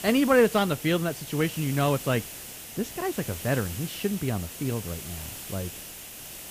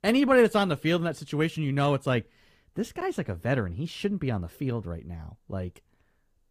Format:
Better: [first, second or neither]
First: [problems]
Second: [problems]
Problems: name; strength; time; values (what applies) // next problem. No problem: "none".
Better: second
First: hiss; noticeable; throughout; 10 dB below the speech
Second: none